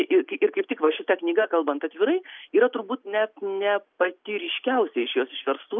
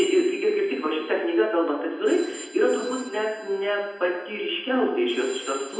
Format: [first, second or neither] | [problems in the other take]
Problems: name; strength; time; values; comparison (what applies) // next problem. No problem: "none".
first | background sound (Telephone); 20 dB below the speech // room echo; dies away in 0.9 s